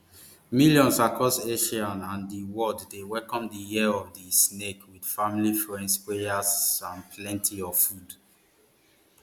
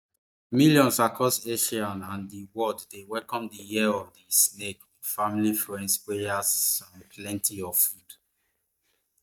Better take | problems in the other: first | noise reduction (neural mask model DeepFilterNet 3)

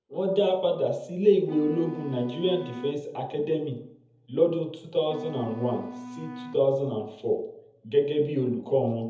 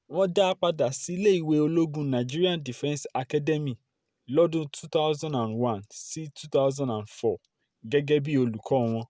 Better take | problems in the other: second | background sound (Wind instrument, woodwind instrument); 15 dB below the speech // room echo; dies away in 0.7 s

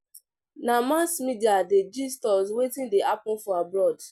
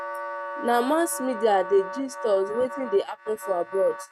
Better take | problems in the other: first | noise reduction (neural mask model RNNoise)

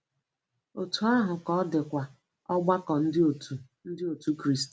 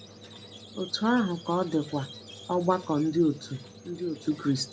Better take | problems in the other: first | background sound (Squeak); 17 dB below the speech

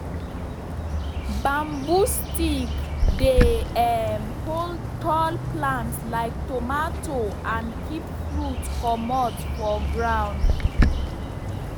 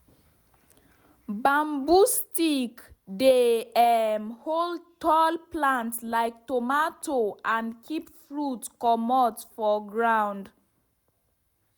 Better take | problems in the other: second | background sound (Bird); 1 dB above the speech

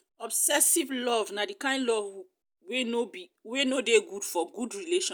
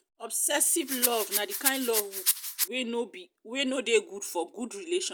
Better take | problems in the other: first | background sound (Rattle); 1 dB above the speech

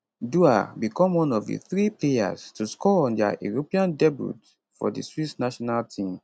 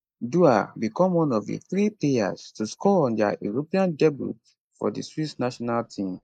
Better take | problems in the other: first | noise reduction (neural mask model Resemble Enhance denoiser)

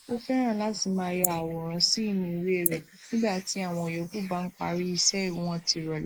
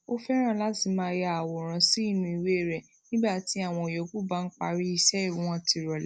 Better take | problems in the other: second | noise reduction (neural mask model Resemble Enhance denoiser)

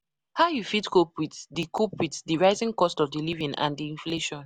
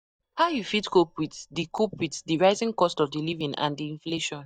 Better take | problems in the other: first | noise reduction (neural mask model DeepFilterNet 3)

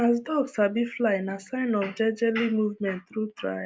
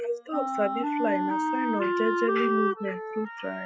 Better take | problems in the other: first | noise reduction (classical method spectral subtraction)

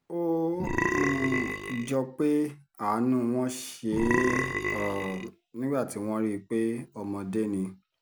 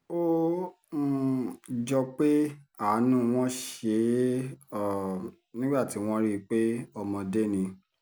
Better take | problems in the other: second | background sound (Burping, eructation); as loud as the speech

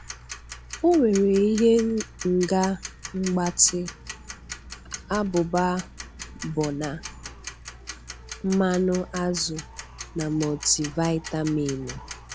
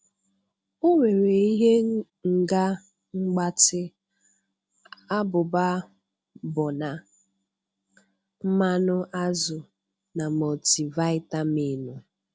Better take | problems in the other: second | background sound (Tick-tock); 14 dB below the speech

